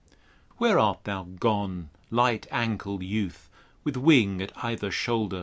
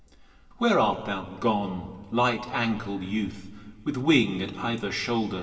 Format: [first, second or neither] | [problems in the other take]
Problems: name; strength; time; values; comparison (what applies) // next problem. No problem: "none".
first | room echo; dies away in 2 s